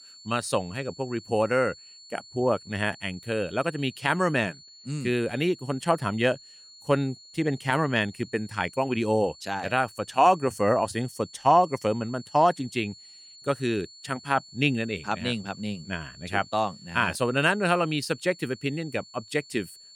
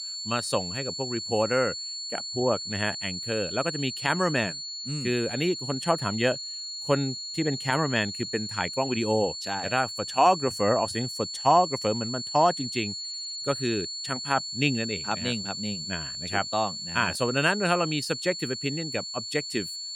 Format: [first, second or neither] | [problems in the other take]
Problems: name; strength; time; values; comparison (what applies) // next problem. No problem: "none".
first | high-pitched whine; loud; throughout; 4.5 kHz, 5 dB below the speech; faint in the first